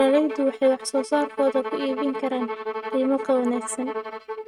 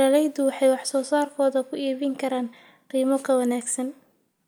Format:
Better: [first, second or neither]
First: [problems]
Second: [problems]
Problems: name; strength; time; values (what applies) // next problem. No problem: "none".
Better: second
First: noise reduction (neural mask model RNNoise)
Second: none